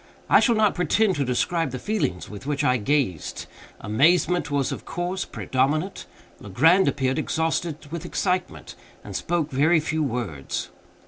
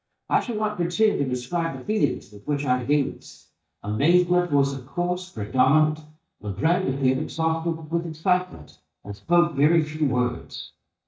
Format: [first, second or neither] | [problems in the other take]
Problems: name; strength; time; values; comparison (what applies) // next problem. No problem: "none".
first | noise reduction (neural mask model DeepFilterNet 3)